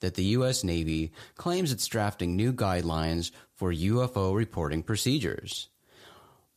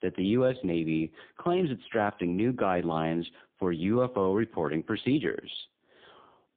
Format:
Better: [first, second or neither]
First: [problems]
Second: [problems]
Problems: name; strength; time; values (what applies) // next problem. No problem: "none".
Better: first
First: none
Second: phone-call audio; poor line; nothing above 3.5 kHz